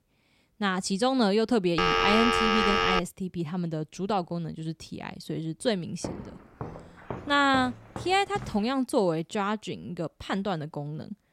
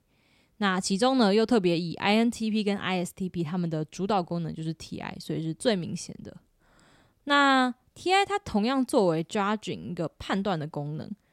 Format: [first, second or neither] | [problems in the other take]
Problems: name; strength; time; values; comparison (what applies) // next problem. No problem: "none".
second | phone ringing; loud; from 2 to 3 s; peak 5 dB above the speech // footsteps; faint; from 6 to 8.5 s; peak 10 dB below the speech